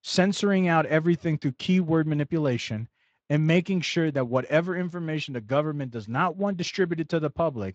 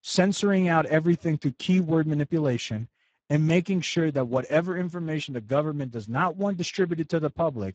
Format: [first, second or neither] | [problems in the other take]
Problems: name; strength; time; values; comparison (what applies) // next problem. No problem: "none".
first | garbled, watery; badly; nothing above 7.5 kHz; slightly in the first